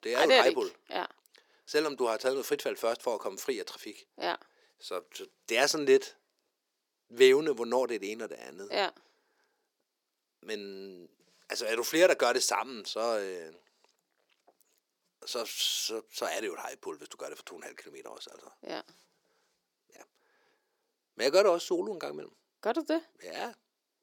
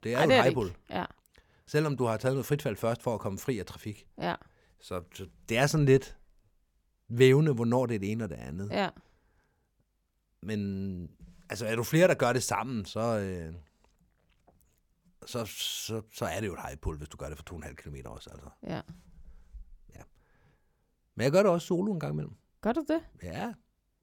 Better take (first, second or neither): second